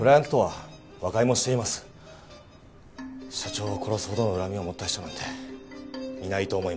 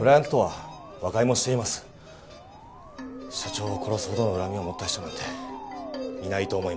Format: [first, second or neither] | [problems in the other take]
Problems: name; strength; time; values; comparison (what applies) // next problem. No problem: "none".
first | background sound (Motor vehicle (road) / Siren); 14 dB below the speech